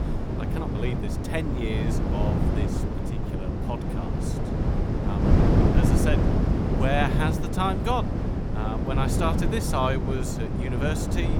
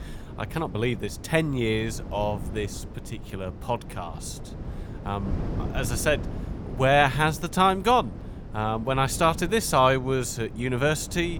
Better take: second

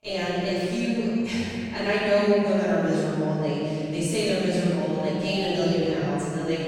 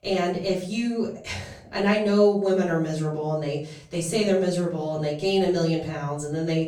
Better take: second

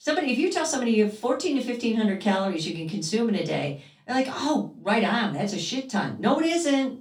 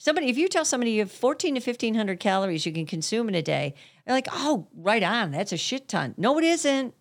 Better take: second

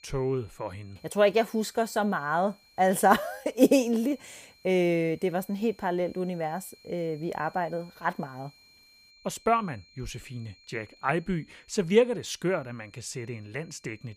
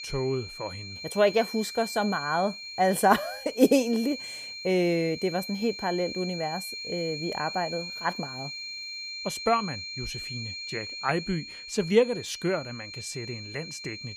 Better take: first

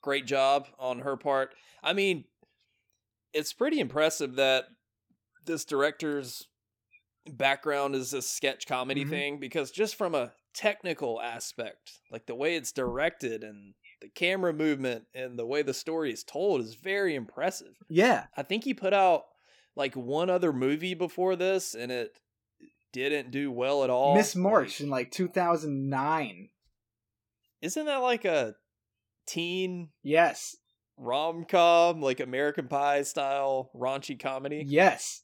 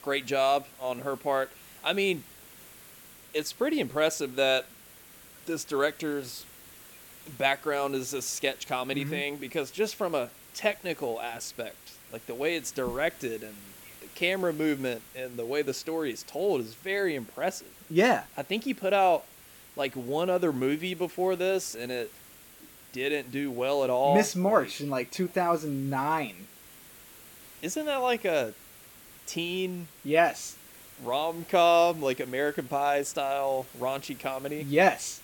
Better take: first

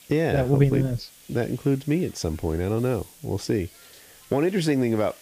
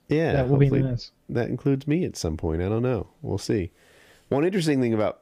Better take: second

